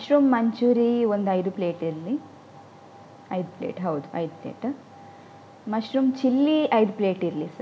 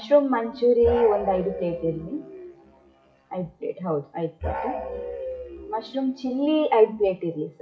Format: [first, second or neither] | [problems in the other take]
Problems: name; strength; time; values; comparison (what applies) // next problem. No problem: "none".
first | noise reduction (classical method WPE with log-MMSE)